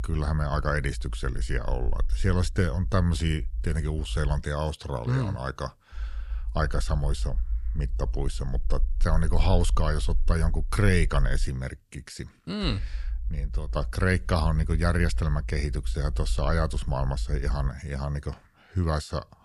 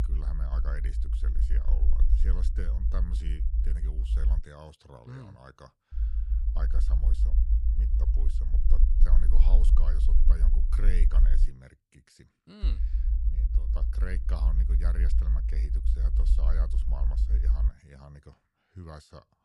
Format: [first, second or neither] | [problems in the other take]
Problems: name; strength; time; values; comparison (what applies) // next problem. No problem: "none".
first | low rumble; loud; until 4.5 s, from 6 to 11 s and from 13 to 18 s; 2 dB below the speech; faint in the first